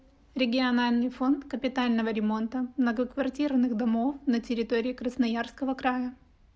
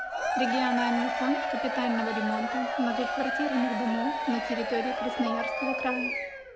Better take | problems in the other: first | background sound (Crowd / Cheering); as loud as the speech

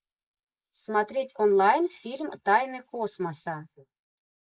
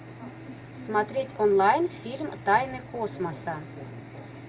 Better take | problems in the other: second | noise reduction (neural mask model Resemble Enhance denoiser)

